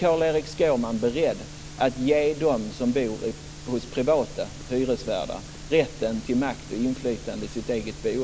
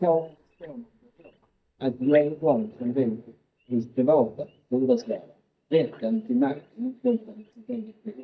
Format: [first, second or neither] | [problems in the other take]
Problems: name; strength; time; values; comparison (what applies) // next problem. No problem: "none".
first | noise reduction (neural mask model DeepFilterNet 3)